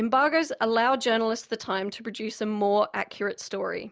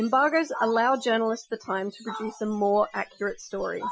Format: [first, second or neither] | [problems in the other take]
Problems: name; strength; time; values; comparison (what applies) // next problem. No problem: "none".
first | noise reduction (classical method Wiener filter)